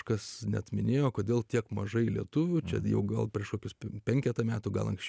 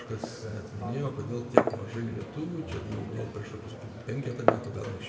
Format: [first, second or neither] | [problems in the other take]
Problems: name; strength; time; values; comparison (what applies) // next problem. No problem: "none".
first | background sound (Glass); 2 dB above the speech // room echo; dies away in 2.2 s